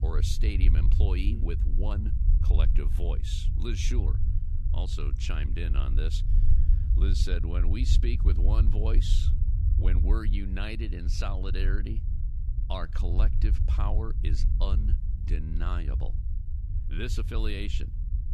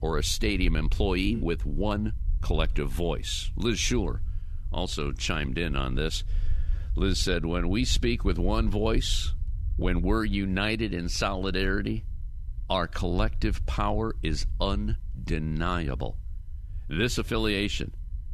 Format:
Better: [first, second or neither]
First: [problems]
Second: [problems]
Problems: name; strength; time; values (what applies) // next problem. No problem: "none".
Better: second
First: low rumble; loud; throughout; 7 dB below the speech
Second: low rumble; faint; throughout; 25 dB below the speech